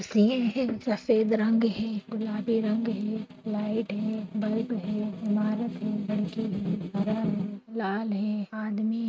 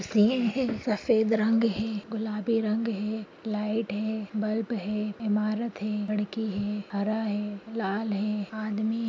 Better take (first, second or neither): second